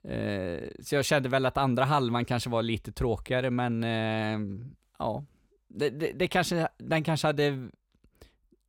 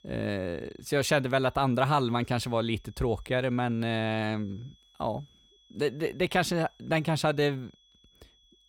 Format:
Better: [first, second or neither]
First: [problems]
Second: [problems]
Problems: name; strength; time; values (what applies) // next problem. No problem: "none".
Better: first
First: none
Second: high-pitched whine; faint; throughout; 3.5 kHz, 30 dB below the speech